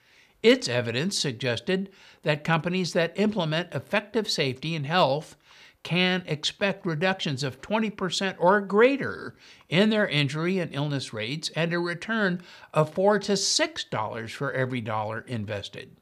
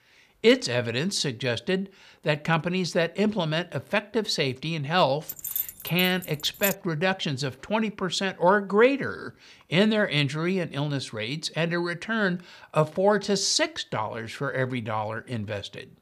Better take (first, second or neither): first